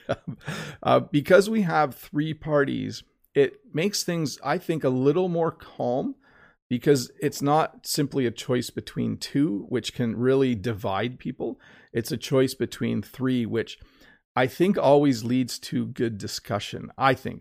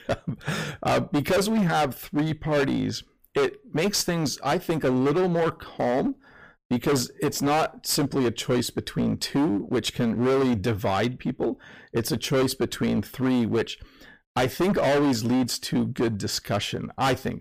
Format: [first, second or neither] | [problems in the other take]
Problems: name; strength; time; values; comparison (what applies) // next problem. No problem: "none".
first | distortion; heavy; 18% of the sound clipped